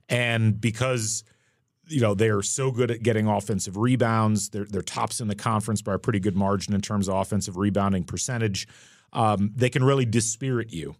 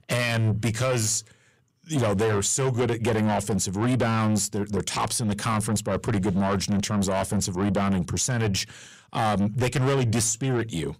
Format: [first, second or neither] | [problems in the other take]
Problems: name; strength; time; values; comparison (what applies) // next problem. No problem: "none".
first | distortion; heavy; 7 dB below the speech